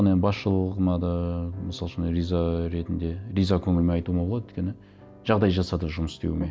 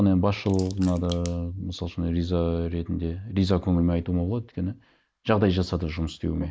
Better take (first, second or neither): first